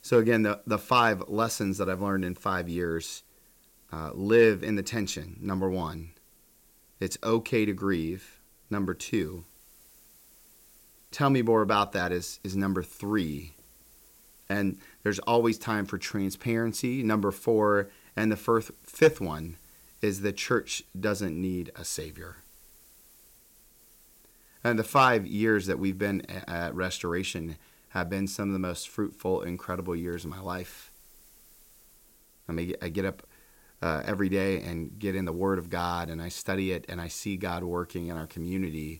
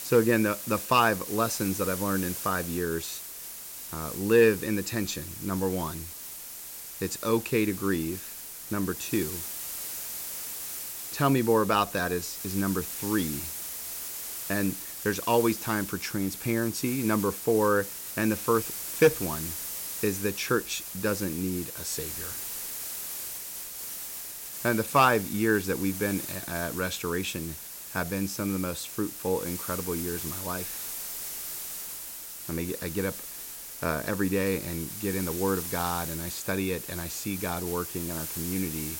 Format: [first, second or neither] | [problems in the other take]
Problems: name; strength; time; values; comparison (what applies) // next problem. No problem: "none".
first | hiss; loud; throughout; 6 dB below the speech; faint in the first